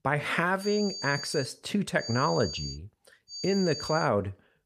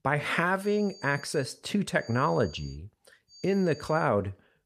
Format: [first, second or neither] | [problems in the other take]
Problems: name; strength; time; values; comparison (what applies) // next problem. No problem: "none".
second | high-pitched whine; loud; at 0.5 s, at 2 s and at 3.5 s; 4.5 kHz, 9 dB below the speech; faint in the second